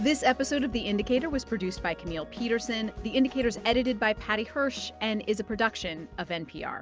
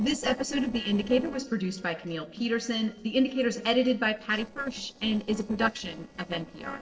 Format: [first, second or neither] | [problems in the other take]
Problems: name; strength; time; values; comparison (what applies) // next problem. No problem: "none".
first | noise reduction (neural separator model SepFormer DNS4)